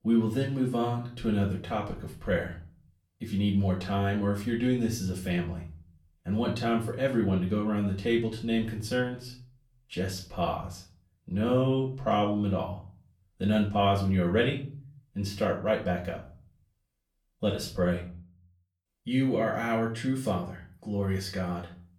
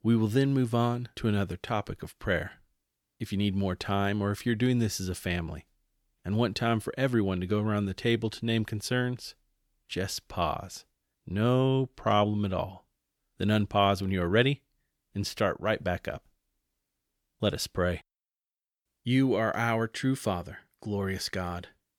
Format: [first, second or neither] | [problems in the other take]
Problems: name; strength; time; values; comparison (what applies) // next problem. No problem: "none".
second | off-mic speech; far // room echo; slight; dies away in 0.4 s